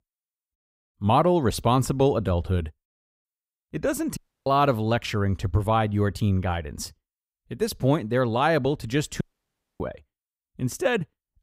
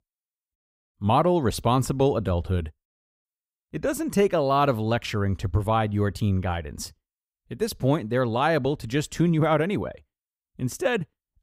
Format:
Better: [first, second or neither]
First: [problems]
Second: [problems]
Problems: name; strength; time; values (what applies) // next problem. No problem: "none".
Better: second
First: audio cutting out; at 4 s and at 9 s for 0.5 s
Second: none